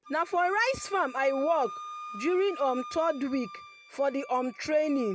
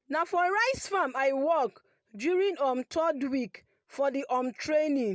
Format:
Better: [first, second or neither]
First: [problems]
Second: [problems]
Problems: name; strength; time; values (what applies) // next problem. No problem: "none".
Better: second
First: background sound (Wind instrument, woodwind instrument); 15 dB below the speech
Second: none